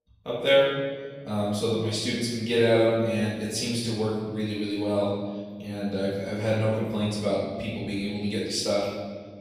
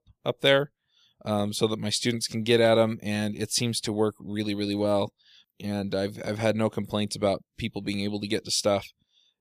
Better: second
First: off-mic speech; far // room echo; noticeable; dies away in 1.5 s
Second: none

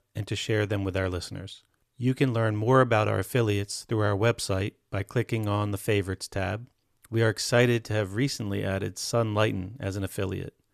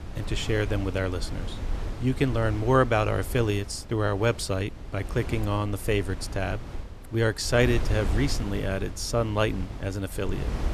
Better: first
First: none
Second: wind noise on the microphone; occasional gusts; 15 dB below the speech

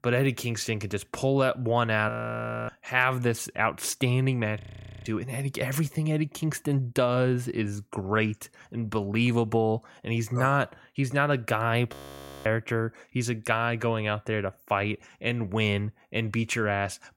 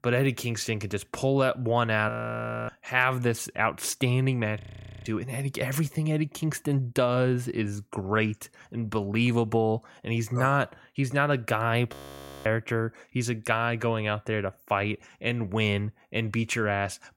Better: neither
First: audio freezing; at 2 s for 0.5 s, at 4.5 s and at 12 s for 0.5 s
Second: audio freezing; at 2 s for 0.5 s, at 4.5 s and at 12 s for 0.5 s

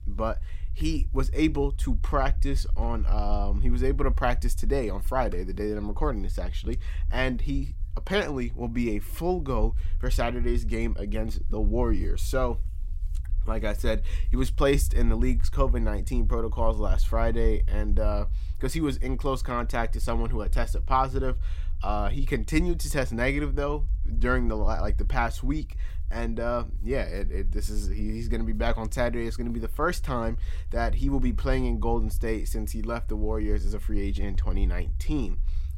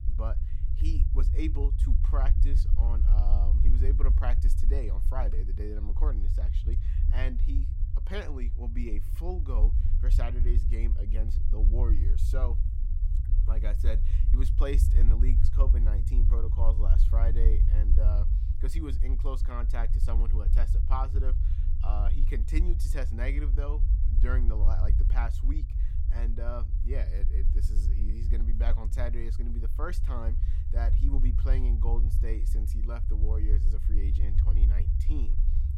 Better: first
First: low rumble; faint; throughout; 25 dB below the speech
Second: low rumble; loud; throughout; 6 dB below the speech

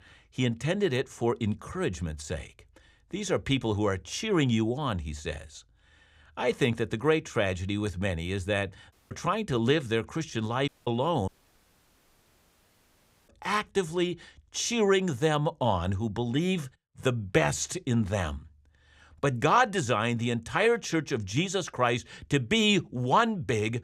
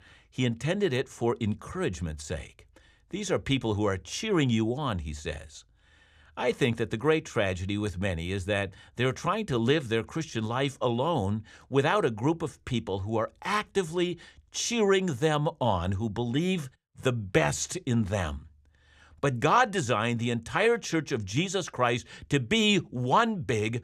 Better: second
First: audio cutting out; at 9 s and at 11 s for 2 s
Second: none

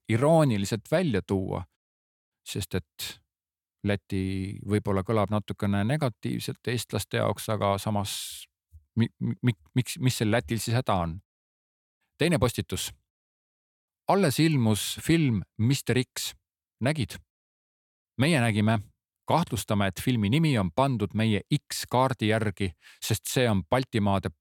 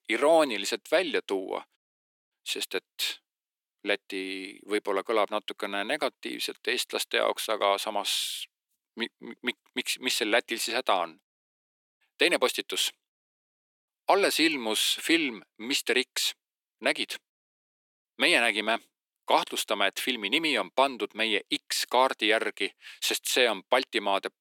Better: first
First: none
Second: thin; very; fading below 300 Hz

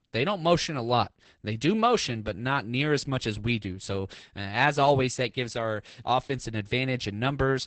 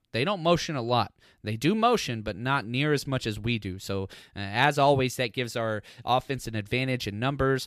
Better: second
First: garbled, watery; badly; nothing above 8 kHz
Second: none

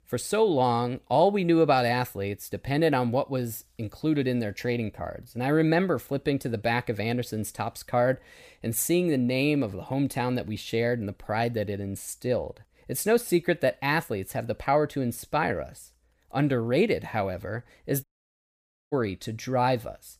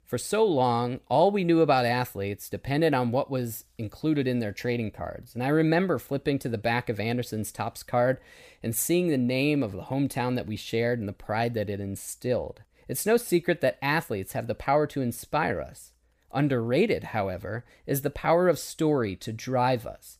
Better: second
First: audio cutting out; at 18 s for 1 s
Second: none

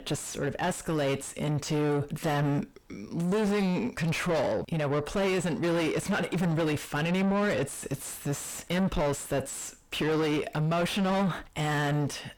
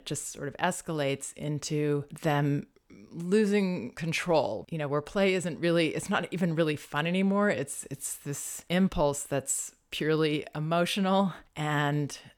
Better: second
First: distortion; heavy; 5 dB below the speech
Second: none

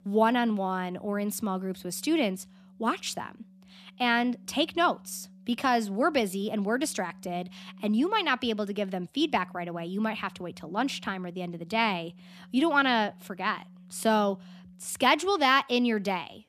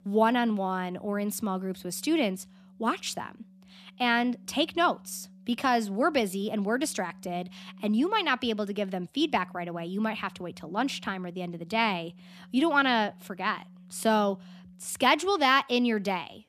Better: neither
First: background music; faint; throughout; 25 dB below the speech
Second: background music; faint; throughout; 25 dB below the speech

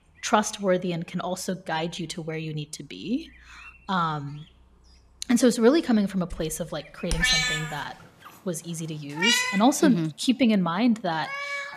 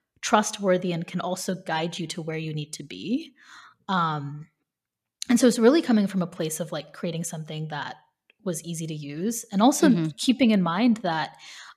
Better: second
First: animal sounds; very loud; throughout; 1 dB above the speech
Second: none

